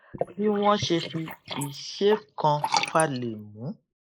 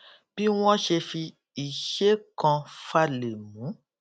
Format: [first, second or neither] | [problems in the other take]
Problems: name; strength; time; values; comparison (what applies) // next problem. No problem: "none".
second | noise reduction (neural mask model Resemble Enhance denoiser)